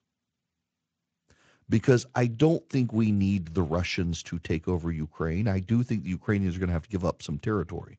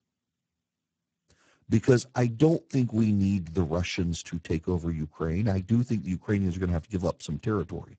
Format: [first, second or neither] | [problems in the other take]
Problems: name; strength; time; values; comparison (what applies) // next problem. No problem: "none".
first | garbled, watery; badly; nothing above 8 kHz; slightly in the first